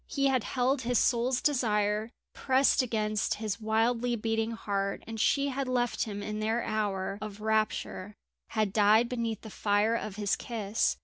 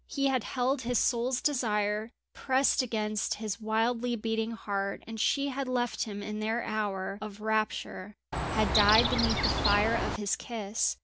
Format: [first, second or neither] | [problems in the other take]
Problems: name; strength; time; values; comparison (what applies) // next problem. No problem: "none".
first | background sound (Chirp, tweet); 1 dB above the speech